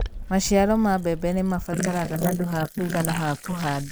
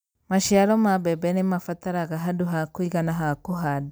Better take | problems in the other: second | noise reduction (neural mask model Resemble Enhance denoiser)

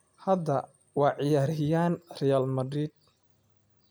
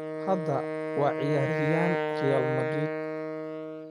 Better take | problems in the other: first | noise reduction (neural mask model RNNoise)

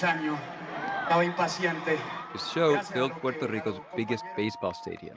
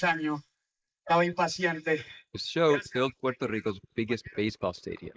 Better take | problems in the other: first | noise reduction (neural mask model Resemble Enhance denoiser)

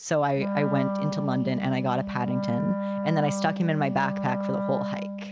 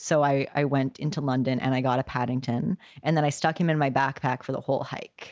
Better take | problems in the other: second | background sound (Wind instrument, woodwind instrument); 2 dB below the speech

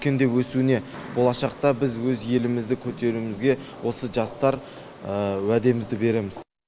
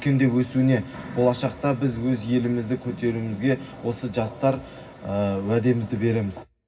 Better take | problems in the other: first | room echo; dies away in 0.4 s

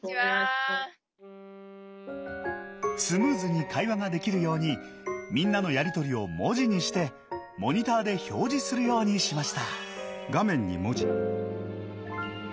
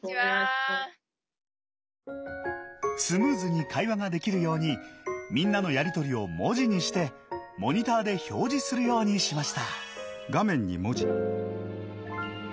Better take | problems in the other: second | background sound (Wind instrument, woodwind instrument); 18 dB below the speech

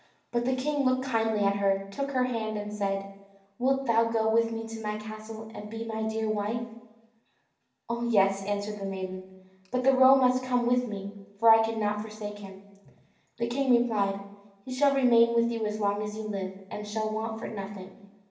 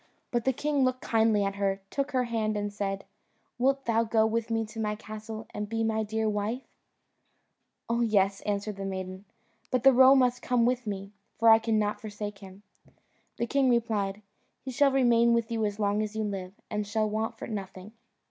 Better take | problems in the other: second | room echo; dies away in 0.7 s

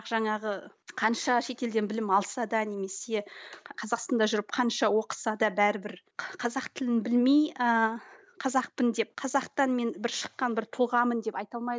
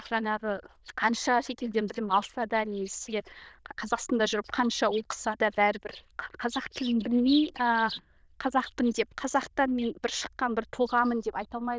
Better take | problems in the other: first | noise reduction (neural diffusion model UNIVERSE++)

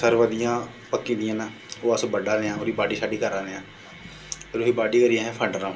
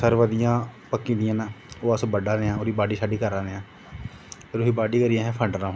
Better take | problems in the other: second | room echo; dies away in 0.2 s

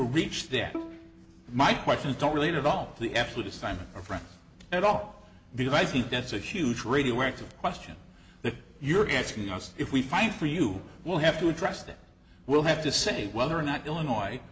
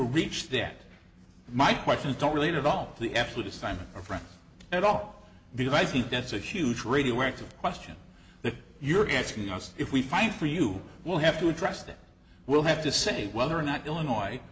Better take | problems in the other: second | background sound (Bowed string instrument); 15 dB below the speech

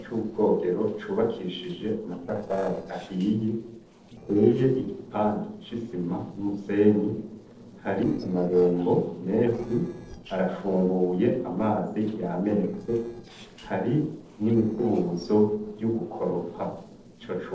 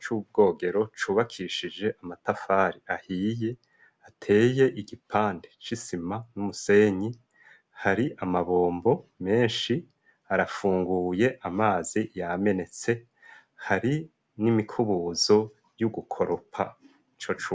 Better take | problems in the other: second | noise reduction (neural separator model SepFormer DNS4)

